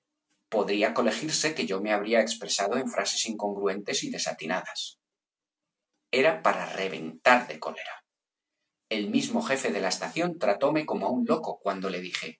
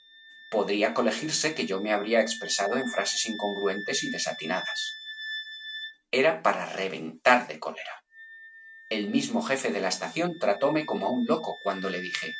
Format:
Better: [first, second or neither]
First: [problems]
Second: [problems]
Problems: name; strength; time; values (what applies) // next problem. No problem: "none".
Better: first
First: none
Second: background sound (Wind instrument, woodwind instrument); 13 dB below the speech